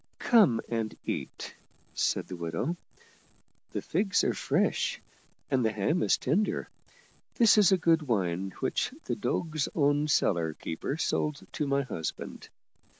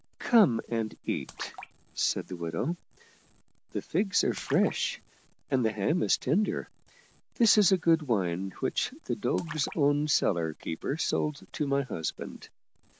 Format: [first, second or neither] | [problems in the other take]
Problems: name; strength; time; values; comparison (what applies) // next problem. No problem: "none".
first | background sound (Splash, splatter); 20 dB below the speech